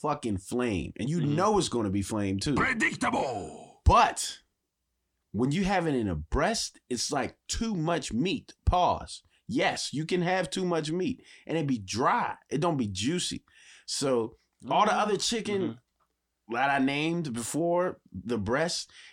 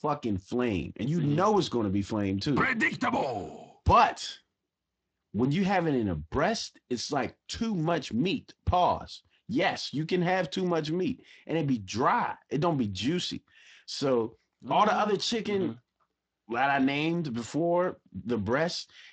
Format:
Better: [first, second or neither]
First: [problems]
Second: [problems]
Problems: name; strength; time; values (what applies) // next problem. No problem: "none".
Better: first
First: none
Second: garbled, watery; slightly; nothing above 8 kHz